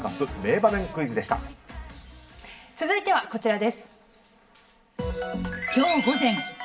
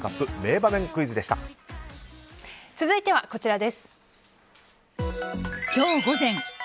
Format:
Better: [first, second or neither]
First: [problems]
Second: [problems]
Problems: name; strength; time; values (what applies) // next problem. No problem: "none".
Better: second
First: room echo; dies away in 1.2 s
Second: none